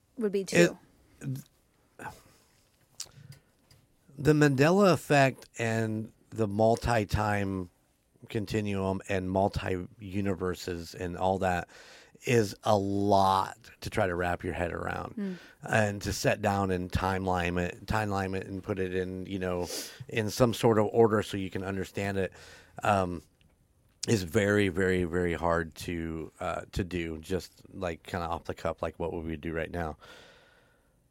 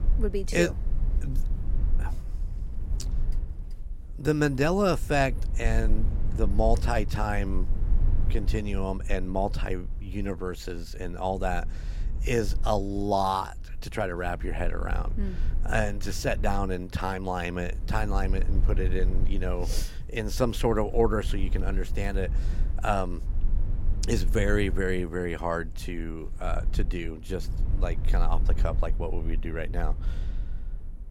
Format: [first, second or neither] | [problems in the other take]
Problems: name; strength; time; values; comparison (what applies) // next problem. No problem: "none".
first | low rumble; noticeable; throughout; 20 dB below the speech